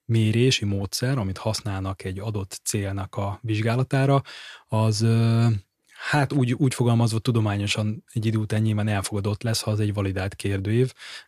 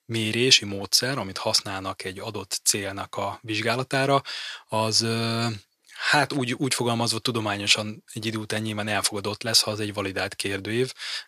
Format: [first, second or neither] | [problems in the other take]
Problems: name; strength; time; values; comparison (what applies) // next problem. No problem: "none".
first | thin; somewhat; fading below 700 Hz